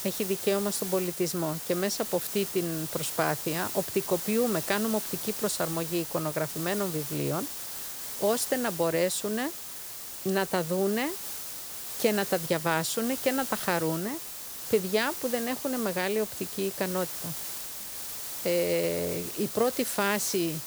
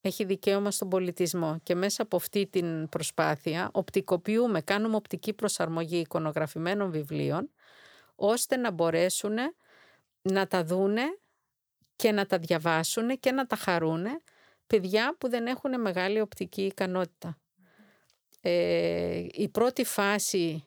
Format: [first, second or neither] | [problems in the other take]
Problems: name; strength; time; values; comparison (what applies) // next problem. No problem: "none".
second | hiss; loud; throughout; 5 dB below the speech